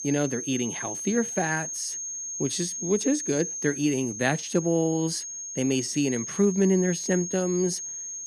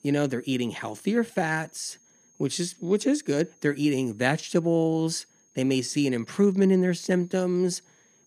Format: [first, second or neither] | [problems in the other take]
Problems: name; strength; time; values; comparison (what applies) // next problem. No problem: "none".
second | high-pitched whine; loud; throughout; 6.5 kHz, 5 dB below the speech; faint in the second